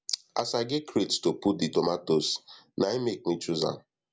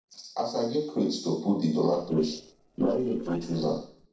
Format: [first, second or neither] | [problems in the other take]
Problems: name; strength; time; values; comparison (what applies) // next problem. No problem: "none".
first | noise reduction (neural separator model SepFormer DNS4)